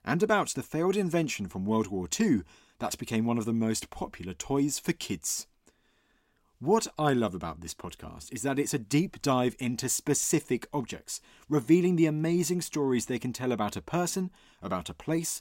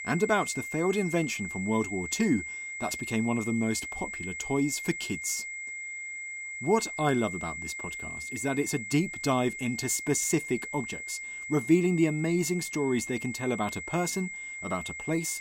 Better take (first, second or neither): first